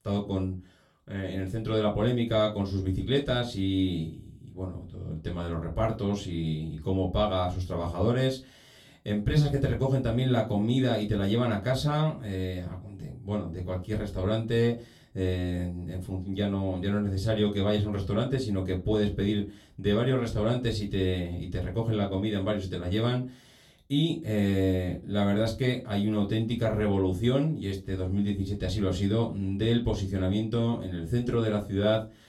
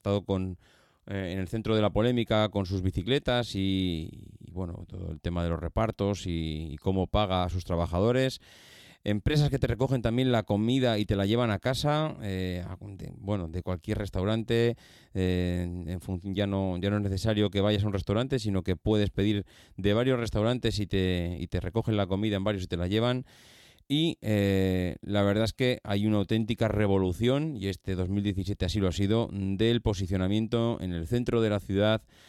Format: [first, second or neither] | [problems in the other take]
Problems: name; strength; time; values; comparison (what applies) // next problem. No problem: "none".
second | off-mic speech; far // room echo; very slight; dies away in 0.2 s